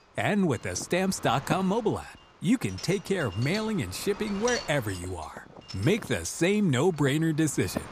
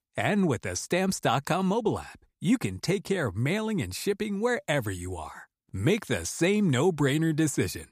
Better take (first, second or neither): second